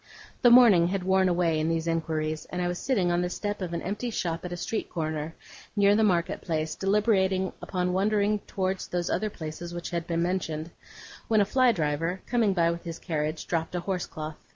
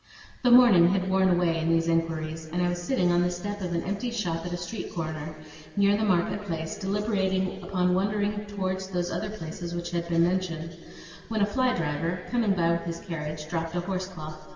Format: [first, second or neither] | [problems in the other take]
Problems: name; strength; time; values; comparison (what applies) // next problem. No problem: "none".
first | room echo; dies away in 2.3 s